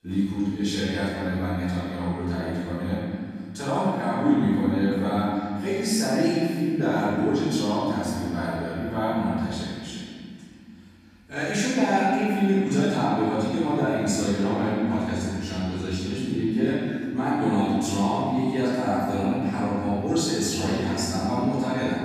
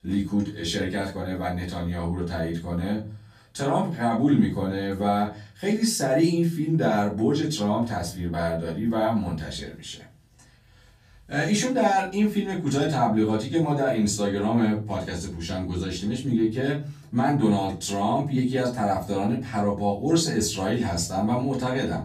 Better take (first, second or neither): second